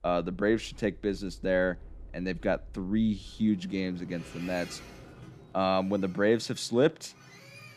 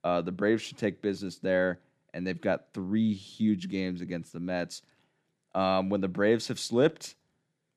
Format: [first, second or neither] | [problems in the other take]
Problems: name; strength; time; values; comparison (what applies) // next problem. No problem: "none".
second | train or aircraft noise; noticeable; throughout; 20 dB below the speech